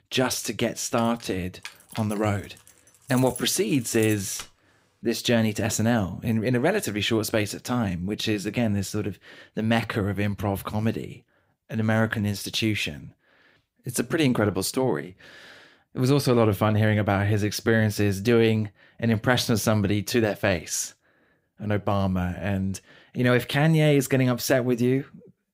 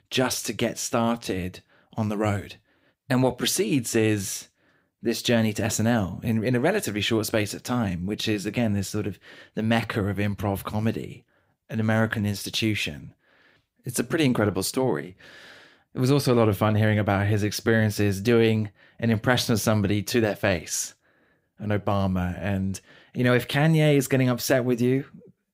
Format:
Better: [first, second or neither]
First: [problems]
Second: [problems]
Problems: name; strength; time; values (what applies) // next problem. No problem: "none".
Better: second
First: jangling keys; faint; from 1 to 4.5 s; peak 10 dB below the speech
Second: none